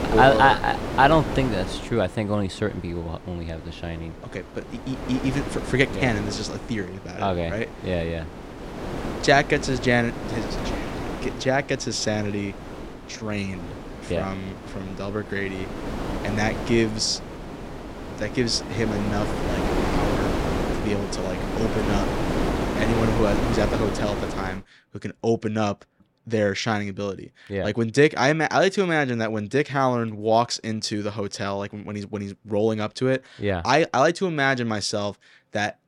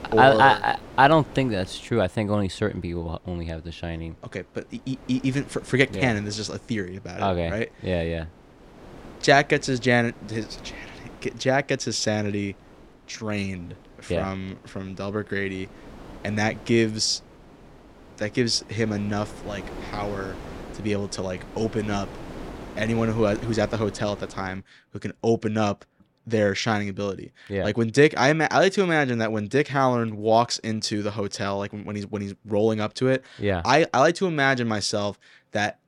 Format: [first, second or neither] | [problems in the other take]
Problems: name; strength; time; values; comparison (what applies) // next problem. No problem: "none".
second | wind noise on the microphone; heavy; until 25 s; 7 dB below the speech; occasional gusts in the second